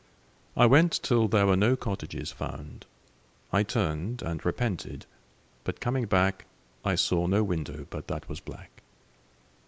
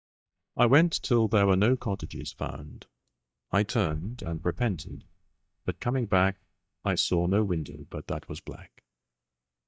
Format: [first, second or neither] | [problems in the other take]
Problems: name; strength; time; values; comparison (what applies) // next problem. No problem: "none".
first | noise reduction (neural mask model DeepFilterNet 3)